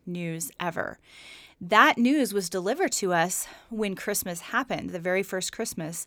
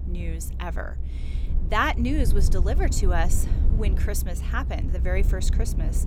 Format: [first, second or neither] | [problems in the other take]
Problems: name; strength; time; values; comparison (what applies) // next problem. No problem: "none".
first | low rumble; noticeable; throughout; 15 dB below the speech